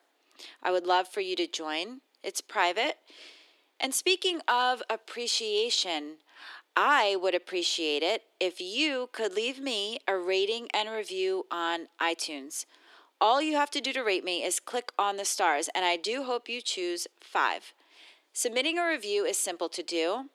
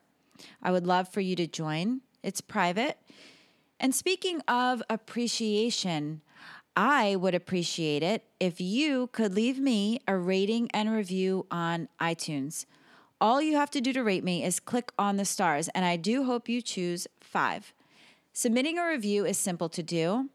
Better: second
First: thin; very; fading below 350 Hz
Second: none

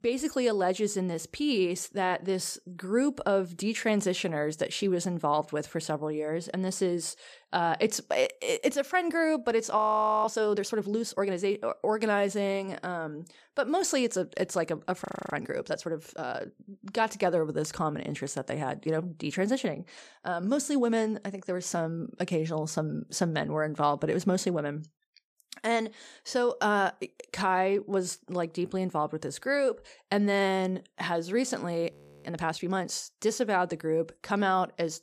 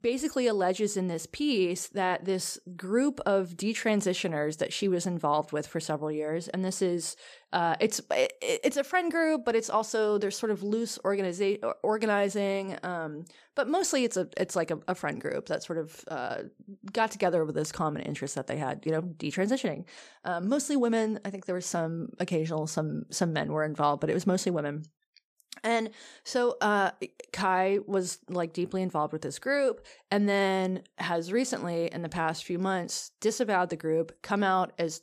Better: second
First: audio freezing; at 10 s, at 15 s and at 32 s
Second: none

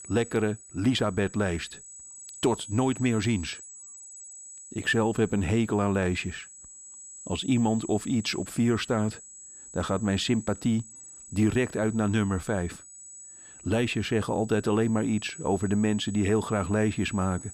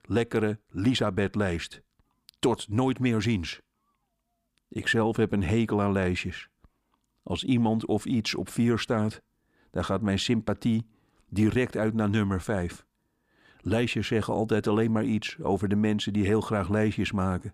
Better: second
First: high-pitched whine; noticeable; throughout; 8 kHz, 15 dB below the speech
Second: none

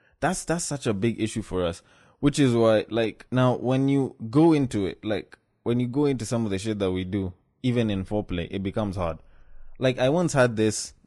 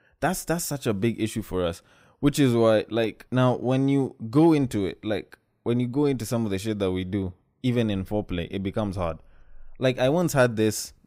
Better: second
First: garbled, watery; slightly; nothing above 10.5 kHz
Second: none

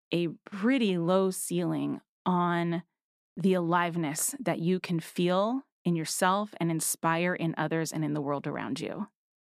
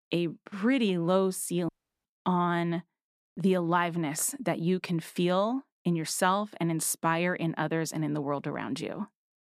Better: first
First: none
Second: audio cutting out; at 1.5 s

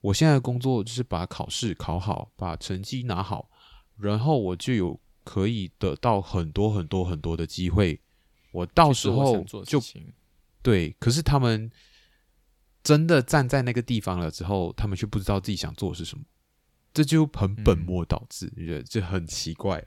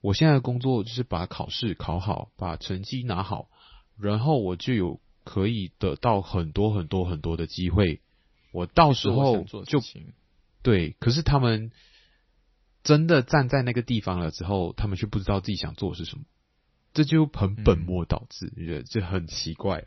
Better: first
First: none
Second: garbled, watery; slightly; nothing above 6 kHz

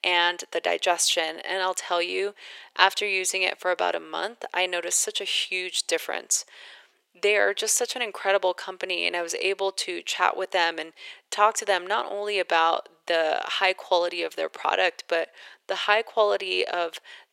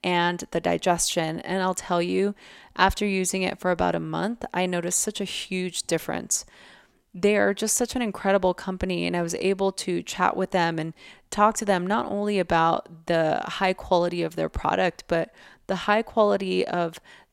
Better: second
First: thin; very; fading below 400 Hz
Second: none

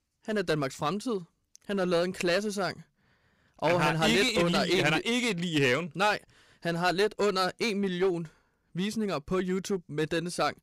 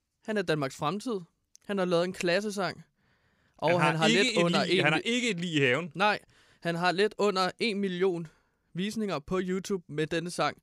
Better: second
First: distortion; slight; 6% of the sound clipped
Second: none

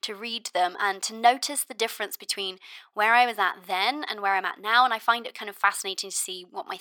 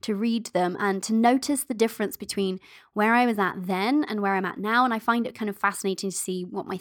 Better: second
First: thin; very; fading below 700 Hz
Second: none

